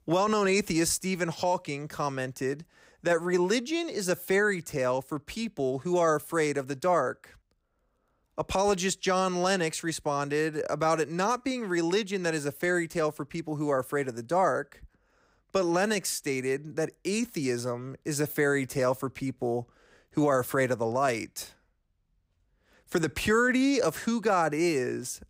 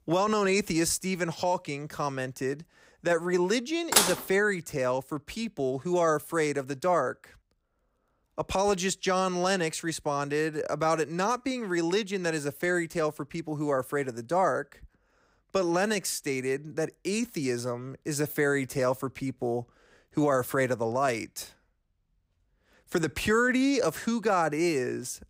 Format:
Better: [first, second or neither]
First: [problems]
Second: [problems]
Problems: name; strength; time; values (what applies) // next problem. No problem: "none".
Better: first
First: none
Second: clattering dishes; loud; at 4 s; peak 6 dB above the speech